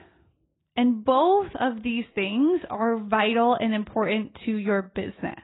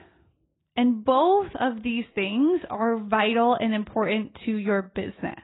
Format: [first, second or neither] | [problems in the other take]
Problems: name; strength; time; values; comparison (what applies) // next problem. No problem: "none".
neither | garbled, watery; badly; nothing above 4 kHz; the same in both